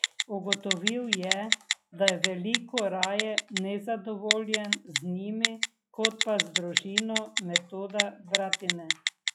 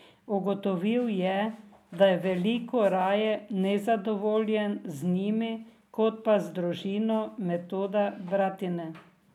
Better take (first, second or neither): second